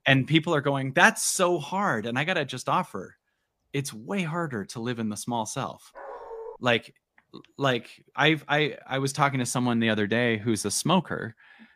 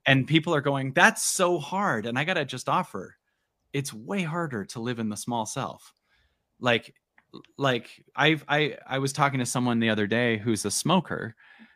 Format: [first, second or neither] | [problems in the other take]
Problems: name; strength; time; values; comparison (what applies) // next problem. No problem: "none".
second | dog barking; faint; at 6 s; peak 15 dB below the speech